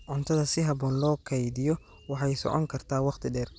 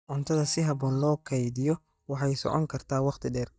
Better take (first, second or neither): first